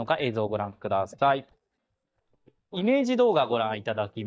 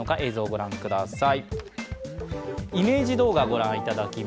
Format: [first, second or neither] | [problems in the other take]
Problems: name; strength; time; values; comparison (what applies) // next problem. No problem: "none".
second | noise reduction (neural mask model DeepFilterNet 3)